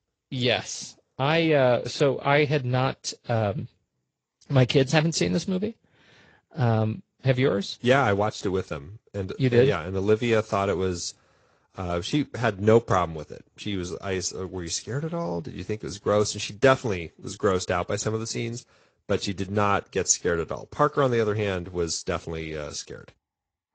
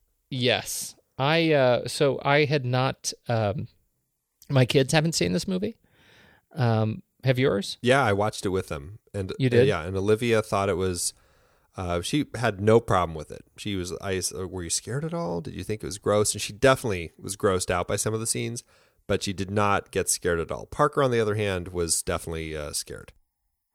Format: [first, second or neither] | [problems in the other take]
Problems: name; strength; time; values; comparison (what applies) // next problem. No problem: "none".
second | garbled, watery; slightly; nothing above 7.5 kHz